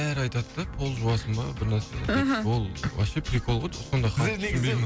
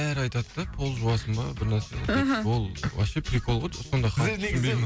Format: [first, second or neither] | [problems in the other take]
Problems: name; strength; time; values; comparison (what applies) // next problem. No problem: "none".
second | background sound (Organ); 20 dB below the speech